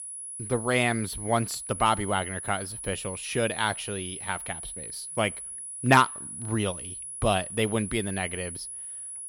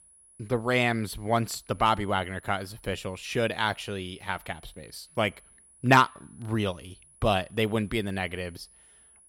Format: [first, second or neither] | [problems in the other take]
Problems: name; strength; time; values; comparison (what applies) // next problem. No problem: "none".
second | high-pitched whine; loud; throughout; 10.5 kHz, 8 dB below the speech; faint in the second